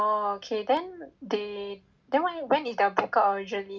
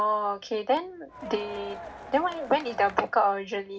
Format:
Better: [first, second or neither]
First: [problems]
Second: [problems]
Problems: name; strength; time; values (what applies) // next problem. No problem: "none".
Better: first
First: none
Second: background sound (Crowd); 14 dB below the speech